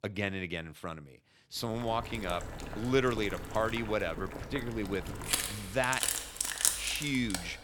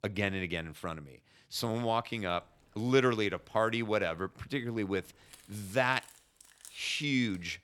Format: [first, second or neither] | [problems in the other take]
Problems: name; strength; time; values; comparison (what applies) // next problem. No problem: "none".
second | household noises; loud; from 1.5 s on; 1 dB below the speech; faint in the second